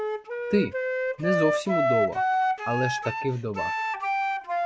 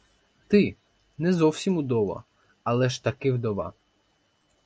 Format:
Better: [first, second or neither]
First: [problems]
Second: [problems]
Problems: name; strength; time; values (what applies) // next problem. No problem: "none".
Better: second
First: background sound (Wind instrument, woodwind instrument); 3 dB above the speech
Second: none